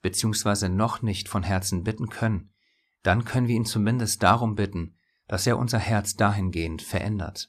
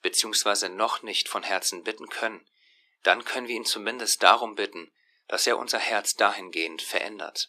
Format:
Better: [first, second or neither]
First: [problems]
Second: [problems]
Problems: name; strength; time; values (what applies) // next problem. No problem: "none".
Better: first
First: none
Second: thin; very; fading below 350 Hz